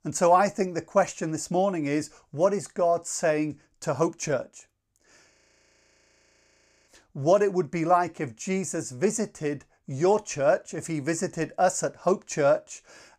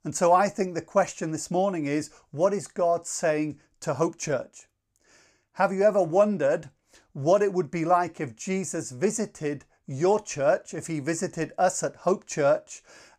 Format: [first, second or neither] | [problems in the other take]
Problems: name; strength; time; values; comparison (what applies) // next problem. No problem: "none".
second | audio freezing; at 5.5 s for 1.5 s